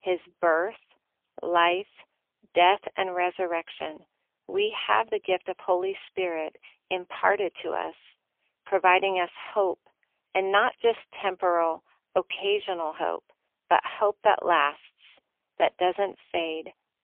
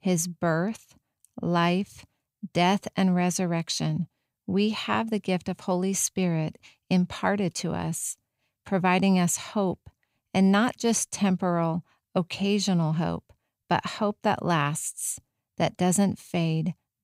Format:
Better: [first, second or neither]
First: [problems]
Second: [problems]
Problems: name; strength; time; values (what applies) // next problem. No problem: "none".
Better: second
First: phone-call audio; poor line; nothing above 3 kHz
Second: none